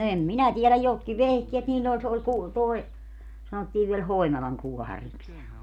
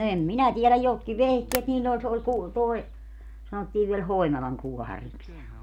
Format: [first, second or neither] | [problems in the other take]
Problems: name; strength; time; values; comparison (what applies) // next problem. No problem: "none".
first | background sound (Tap); 14 dB below the speech